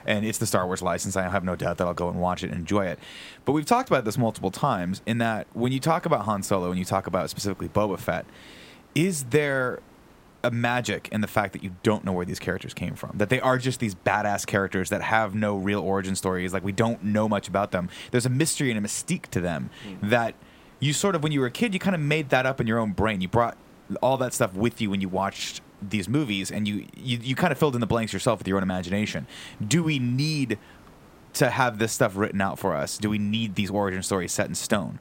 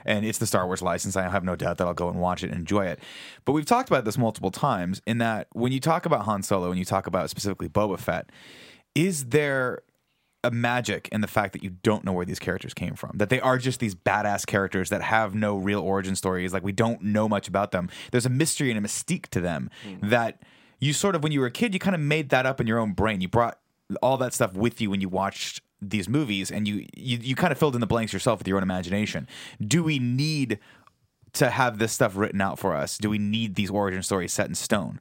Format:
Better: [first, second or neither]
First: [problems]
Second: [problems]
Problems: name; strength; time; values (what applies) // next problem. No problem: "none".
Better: second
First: hiss; faint; throughout; 25 dB below the speech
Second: none